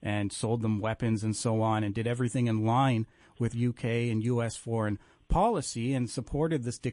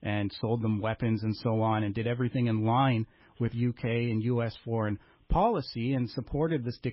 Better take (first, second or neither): first